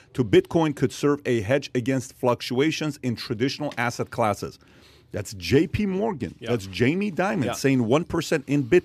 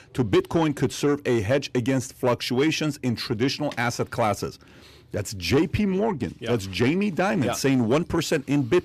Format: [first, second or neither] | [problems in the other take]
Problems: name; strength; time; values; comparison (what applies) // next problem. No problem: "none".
first | distortion; slight; 10 dB below the speech